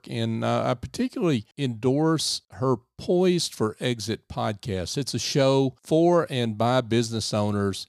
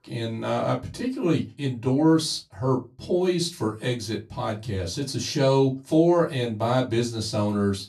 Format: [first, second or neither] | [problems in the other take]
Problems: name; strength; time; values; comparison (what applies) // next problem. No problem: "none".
first | off-mic speech; far // room echo; very slight; dies away in 0.2 s